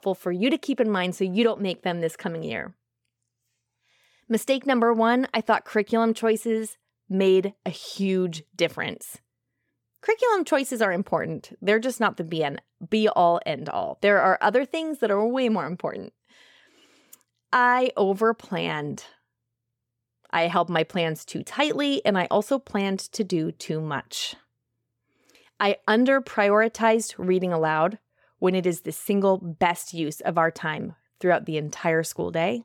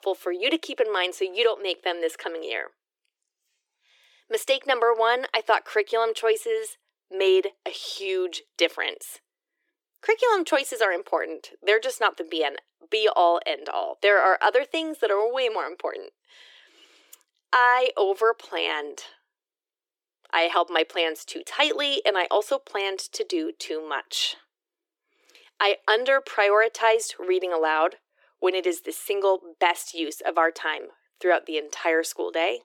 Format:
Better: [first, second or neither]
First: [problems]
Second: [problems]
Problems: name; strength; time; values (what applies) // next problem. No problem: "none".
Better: first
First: none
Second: thin; very; fading below 300 Hz